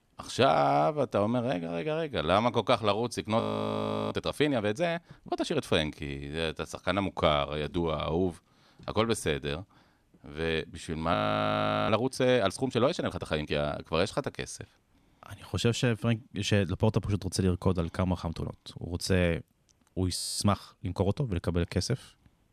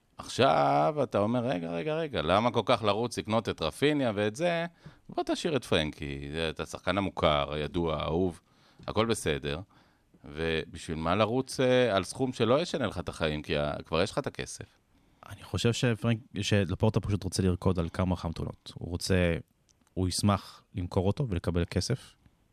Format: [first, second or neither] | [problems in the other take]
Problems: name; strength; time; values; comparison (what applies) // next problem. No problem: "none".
second | audio freezing; at 3.5 s for 0.5 s, at 11 s for 0.5 s and at 20 s